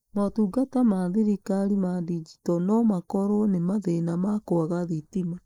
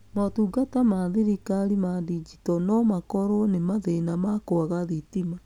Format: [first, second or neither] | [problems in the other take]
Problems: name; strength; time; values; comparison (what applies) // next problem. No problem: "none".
second | noise reduction (neural mask model Resemble Enhance denoiser)